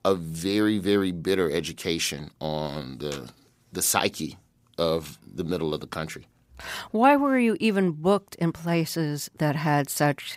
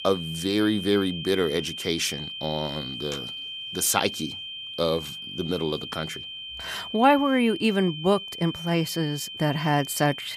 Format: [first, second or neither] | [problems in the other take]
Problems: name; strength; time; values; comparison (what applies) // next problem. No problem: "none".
first | high-pitched whine; loud; throughout; 3 kHz, 9 dB below the speech